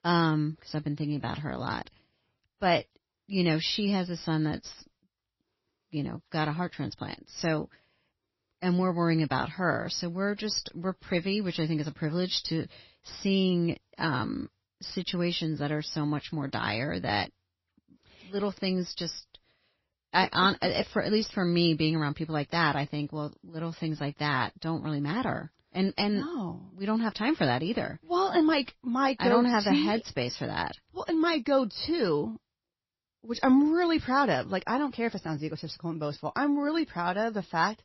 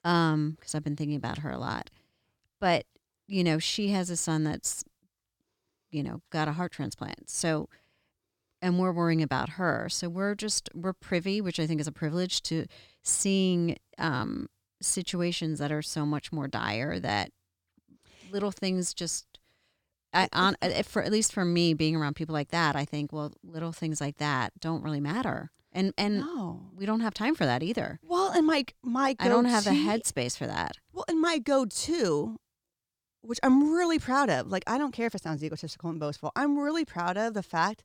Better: second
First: garbled, watery; slightly; nothing above 5.5 kHz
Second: none

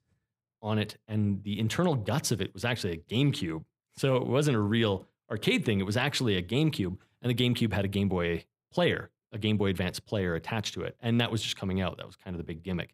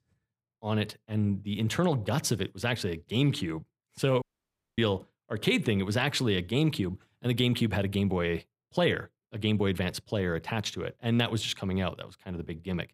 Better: first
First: none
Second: audio cutting out; at 4 s for 0.5 s

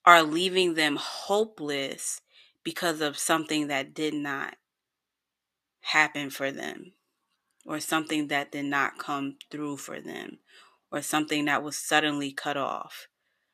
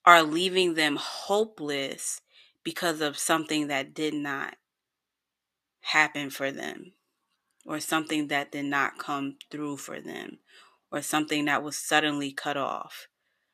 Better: neither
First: thin; somewhat; fading below 550 Hz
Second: thin; somewhat; fading below 550 Hz

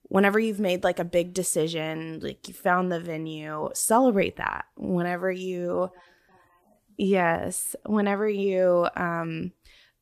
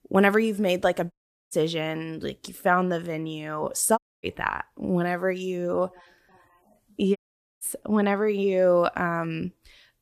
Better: first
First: none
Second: audio cutting out; at 1 s, at 4 s and at 7 s

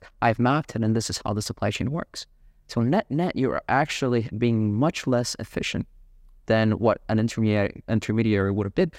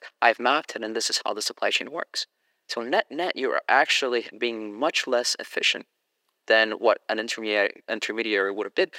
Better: first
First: none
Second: thin; very; fading below 350 Hz

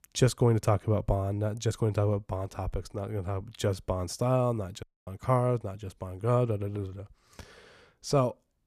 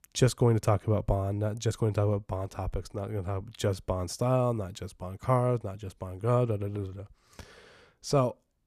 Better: second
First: audio cutting out; at 5 s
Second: none

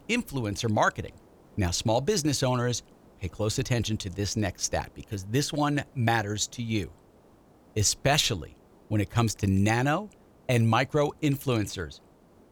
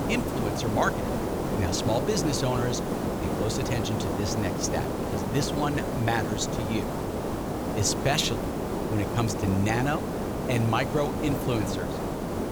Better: first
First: hiss; faint; throughout; 30 dB below the speech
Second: hiss; loud; throughout; 1 dB below the speech

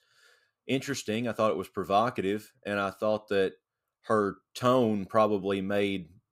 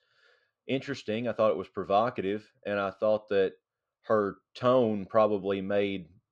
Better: first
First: none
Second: muffled; slightly; fading above 4.5 kHz

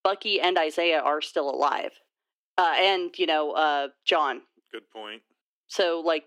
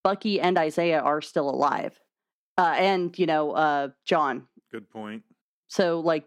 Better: second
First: thin; somewhat; fading below 300 Hz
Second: none

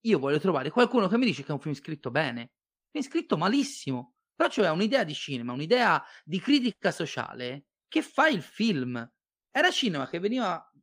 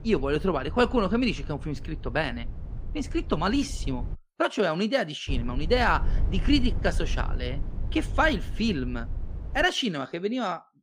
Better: first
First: none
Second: low rumble; faint; until 4 s and from 5.5 to 9.5 s; 20 dB below the speech

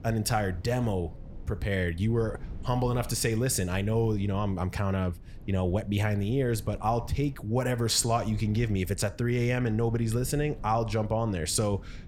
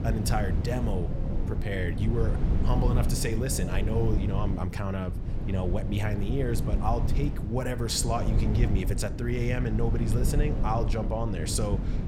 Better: first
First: low rumble; faint; throughout; 25 dB below the speech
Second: low rumble; loud; throughout; 7 dB below the speech

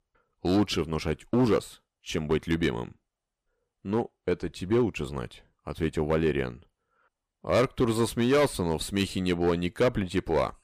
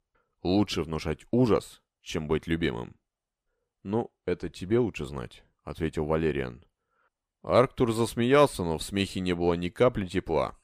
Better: second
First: distortion; slight; 4% of the sound clipped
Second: none

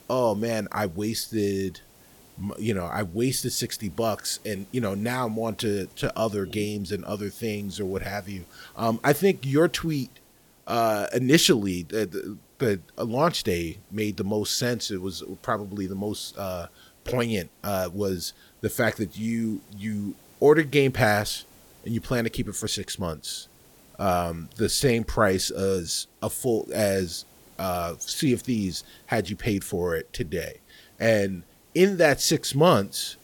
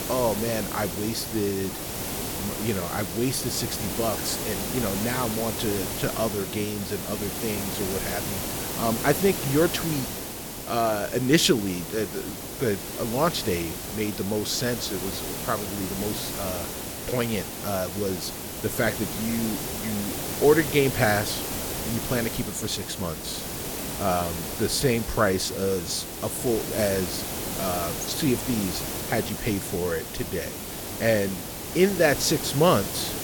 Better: first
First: hiss; faint; throughout; 30 dB below the speech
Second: hiss; loud; throughout; 4 dB below the speech

